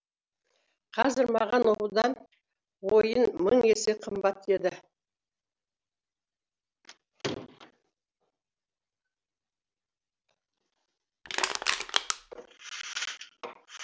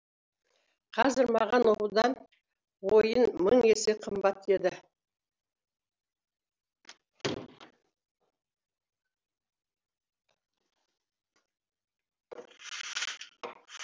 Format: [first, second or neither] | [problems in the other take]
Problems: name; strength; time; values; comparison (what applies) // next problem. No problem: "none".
second | background sound (Crushing); 1 dB below the speech